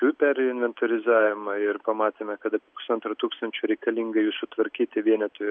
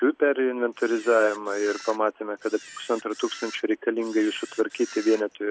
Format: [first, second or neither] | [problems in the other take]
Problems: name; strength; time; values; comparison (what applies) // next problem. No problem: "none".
first | background sound (Camera); 18 dB below the speech